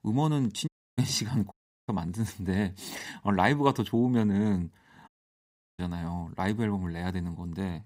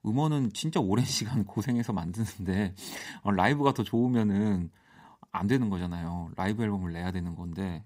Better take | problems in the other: second | audio cutting out; at 0.5 s, at 1.5 s and at 5 s for 0.5 s

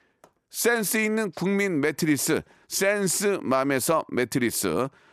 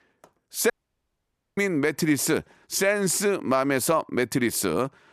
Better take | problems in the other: first | audio cutting out; at 0.5 s for 1 s

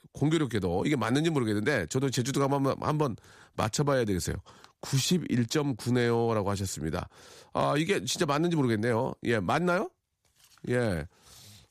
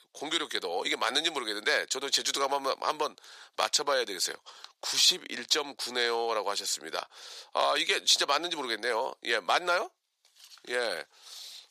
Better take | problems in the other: first | thin; very; fading below 550 Hz

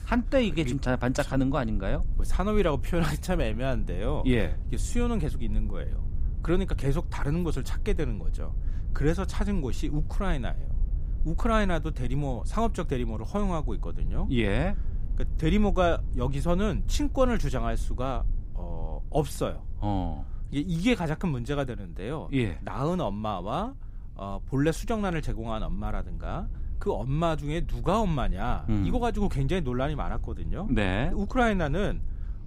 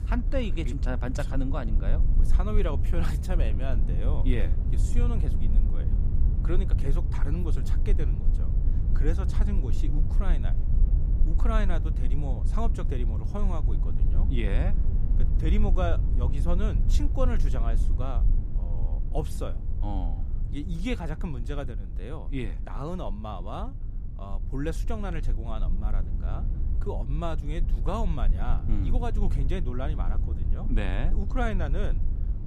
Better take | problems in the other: first | low rumble; loud; throughout; 9 dB below the speech; faint in the first

